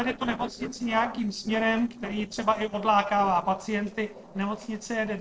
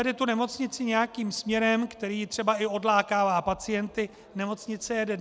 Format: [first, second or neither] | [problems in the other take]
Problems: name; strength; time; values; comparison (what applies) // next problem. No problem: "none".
second | noise reduction (neural separator model SepFormer DNS4)